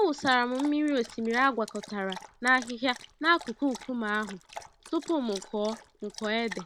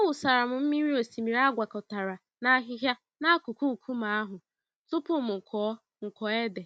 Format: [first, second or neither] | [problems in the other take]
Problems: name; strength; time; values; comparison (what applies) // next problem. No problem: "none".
second | background sound (Dog); 17 dB below the speech